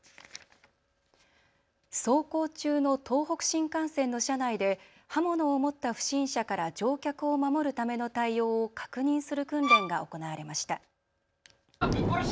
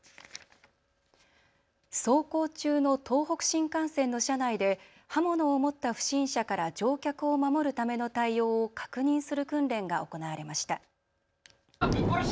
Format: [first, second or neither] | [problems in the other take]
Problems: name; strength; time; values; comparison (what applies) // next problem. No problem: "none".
second | background sound (Bowed string instrument); 4 dB above the speech